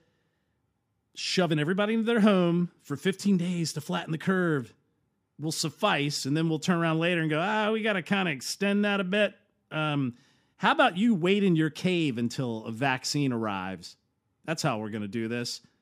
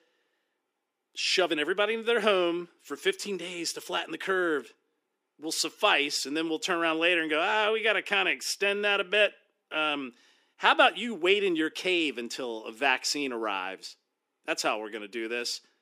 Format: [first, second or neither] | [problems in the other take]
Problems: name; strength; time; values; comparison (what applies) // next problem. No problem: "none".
first | thin; very; fading below 350 Hz